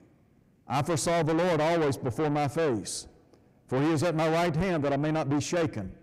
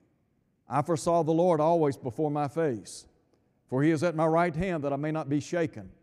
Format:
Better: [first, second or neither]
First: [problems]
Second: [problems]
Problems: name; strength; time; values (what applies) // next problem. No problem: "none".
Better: second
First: distortion; heavy; 6 dB below the speech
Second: none